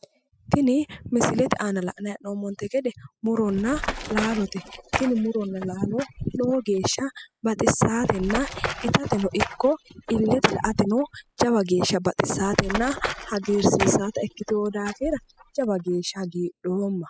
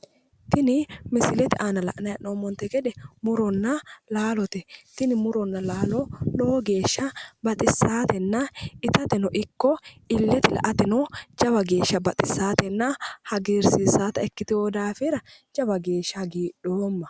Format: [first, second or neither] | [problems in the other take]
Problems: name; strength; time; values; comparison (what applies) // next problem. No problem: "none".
second | noise reduction (classical method spectral subtraction)